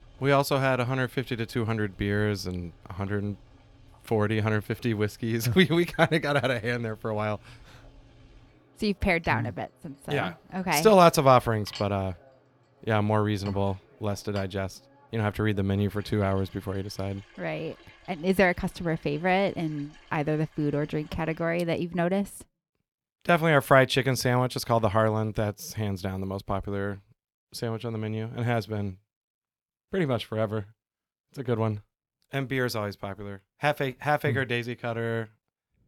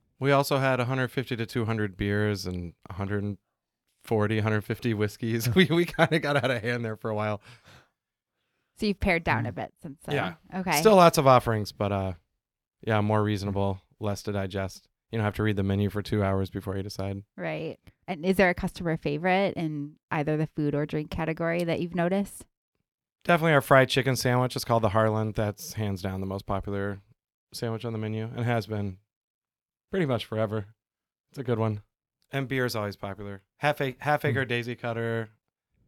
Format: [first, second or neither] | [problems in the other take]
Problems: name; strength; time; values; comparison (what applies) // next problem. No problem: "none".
second | household noises; faint; until 22 s; 25 dB below the speech